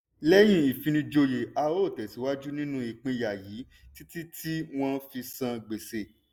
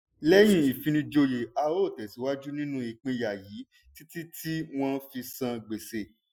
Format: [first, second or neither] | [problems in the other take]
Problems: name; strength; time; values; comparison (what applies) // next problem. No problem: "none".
first | noise reduction (classical method Wiener filter)